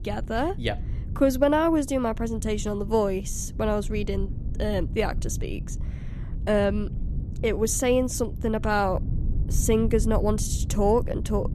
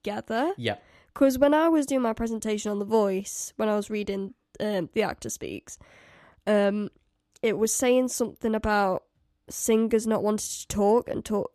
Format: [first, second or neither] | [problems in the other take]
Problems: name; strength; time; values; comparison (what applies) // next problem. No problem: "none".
second | low rumble; noticeable; throughout; 20 dB below the speech